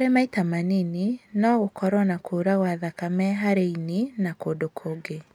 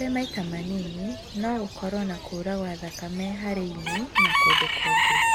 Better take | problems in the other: first | background sound (Bird / Chicken, rooster); 4 dB above the speech

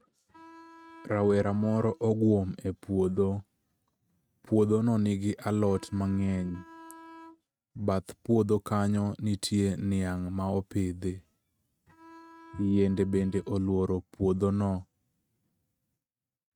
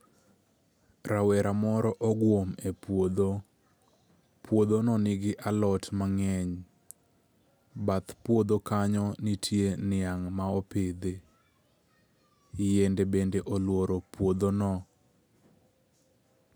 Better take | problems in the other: second | noise reduction (neural mask model RNNoise)

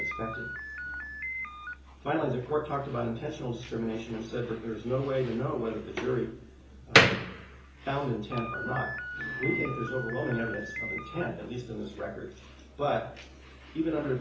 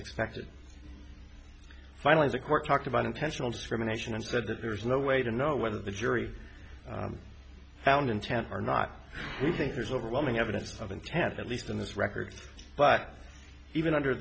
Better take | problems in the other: second | background sound (Slam); 2 dB below the speech // room echo; dies away in 0.7 s

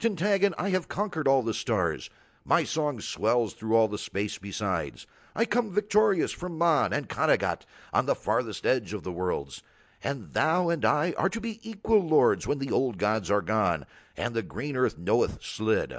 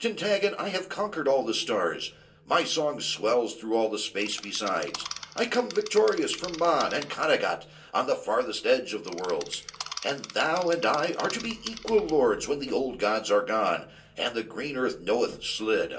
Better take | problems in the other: first | background sound (Insect); 13 dB below the speech // room echo; dies away in 0.2 s

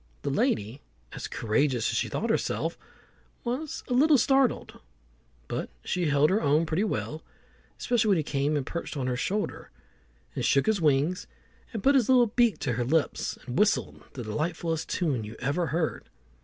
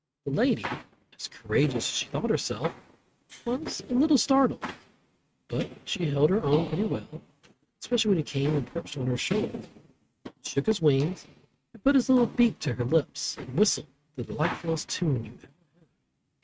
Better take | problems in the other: first | noise reduction (neural mask model RNNoise)

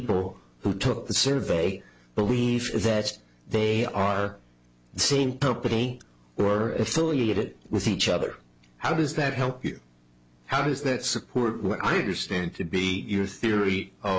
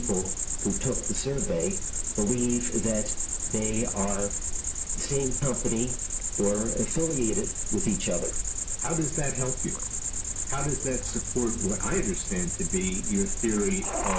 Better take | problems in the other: first | background sound (Cricket); 1 dB above the speech // room echo; dies away in 0.2 s

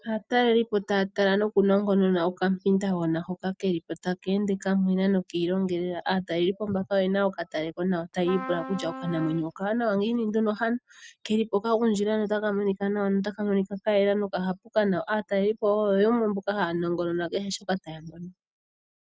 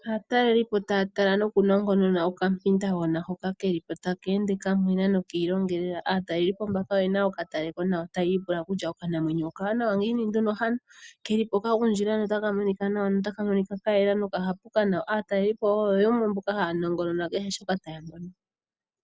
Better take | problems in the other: second | noise reduction (neural mask model RNNoise)

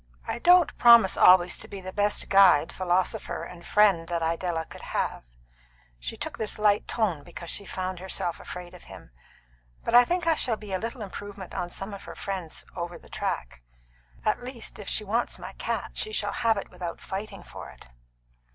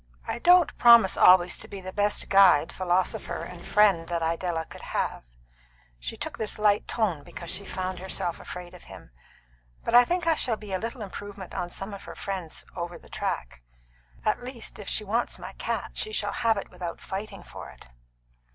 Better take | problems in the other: first | background sound (Engine / Mechanisms); 17 dB below the speech

